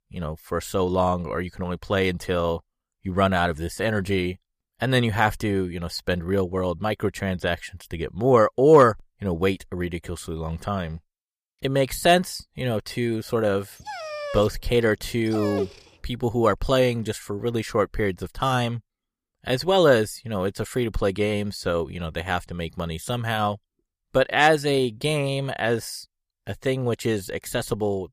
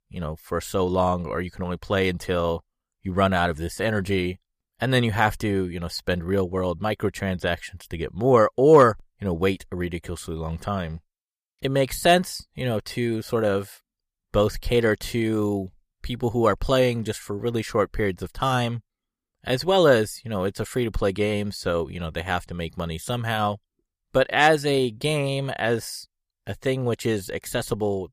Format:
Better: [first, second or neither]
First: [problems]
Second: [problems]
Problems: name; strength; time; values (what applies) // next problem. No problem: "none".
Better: second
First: dog barking; noticeable; from 14 to 16 s; peak 6 dB below the speech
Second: none